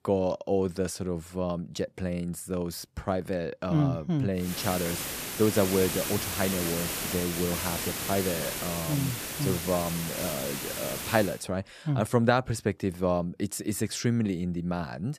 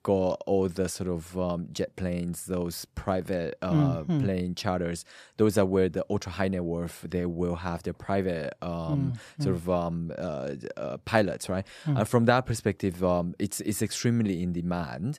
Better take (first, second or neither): second